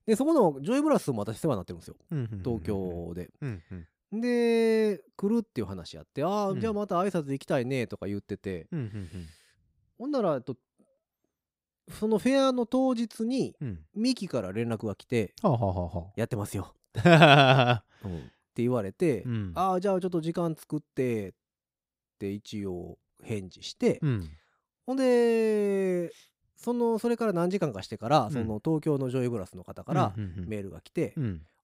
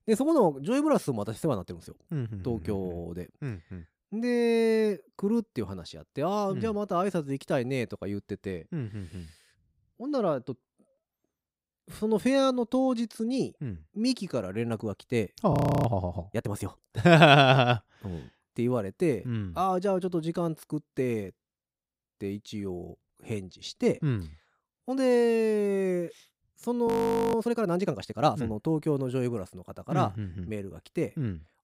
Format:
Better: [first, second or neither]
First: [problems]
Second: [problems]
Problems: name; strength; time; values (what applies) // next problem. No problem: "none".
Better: first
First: none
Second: audio freezing; at 16 s and at 27 s